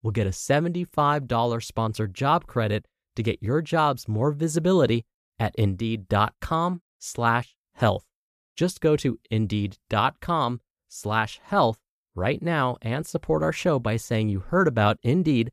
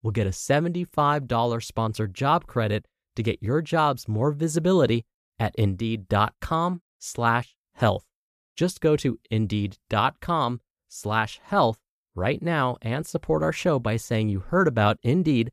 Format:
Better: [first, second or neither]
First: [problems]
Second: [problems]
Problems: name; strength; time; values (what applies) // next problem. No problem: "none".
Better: neither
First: none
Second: none